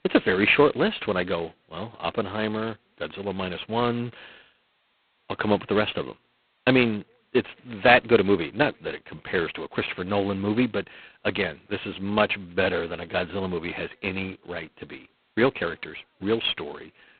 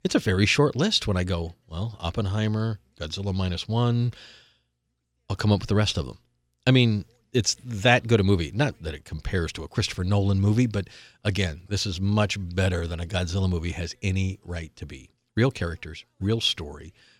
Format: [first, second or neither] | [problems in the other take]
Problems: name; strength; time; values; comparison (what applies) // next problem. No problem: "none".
second | phone-call audio; poor line; nothing above 4 kHz